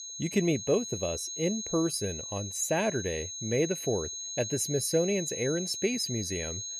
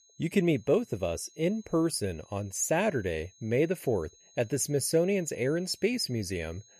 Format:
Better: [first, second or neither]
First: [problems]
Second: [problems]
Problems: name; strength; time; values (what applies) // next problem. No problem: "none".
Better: second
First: high-pitched whine; loud; throughout; 6.5 kHz, 5 dB below the speech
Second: high-pitched whine; faint; throughout; 6.5 kHz, 25 dB below the speech